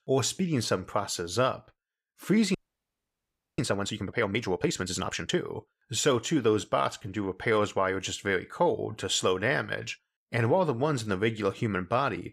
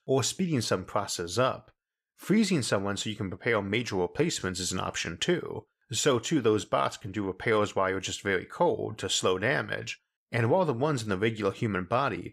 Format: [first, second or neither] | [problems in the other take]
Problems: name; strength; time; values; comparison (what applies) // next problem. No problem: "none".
second | audio freezing; at 2.5 s for 1 s